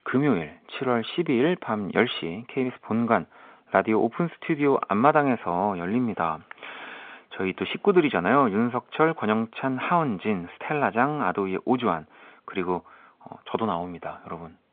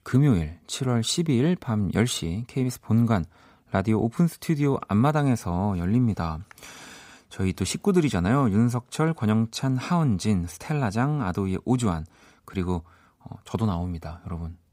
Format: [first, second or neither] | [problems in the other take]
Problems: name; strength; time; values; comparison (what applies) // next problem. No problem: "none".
second | phone-call audio; nothing above 3.5 kHz